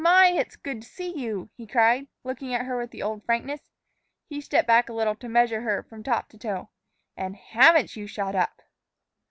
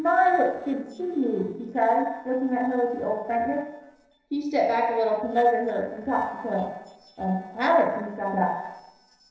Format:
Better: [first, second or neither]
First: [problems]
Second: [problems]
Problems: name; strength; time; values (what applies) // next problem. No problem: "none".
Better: first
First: none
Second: noise reduction (neural separator model SepFormer DNS4)